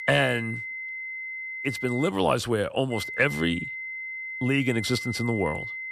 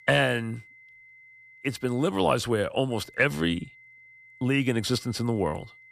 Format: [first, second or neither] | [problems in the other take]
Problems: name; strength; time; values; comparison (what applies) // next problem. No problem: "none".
second | high-pitched whine; loud; until 2 s and from 3 s on; 2 kHz, 7 dB below the speech; faint in the second